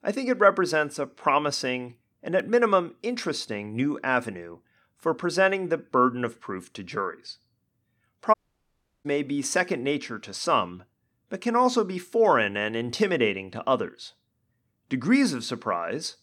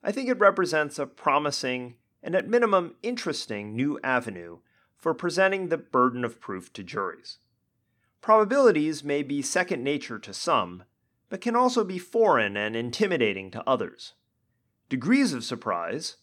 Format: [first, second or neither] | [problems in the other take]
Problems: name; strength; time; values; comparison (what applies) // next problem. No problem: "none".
second | audio cutting out; at 8.5 s for 0.5 s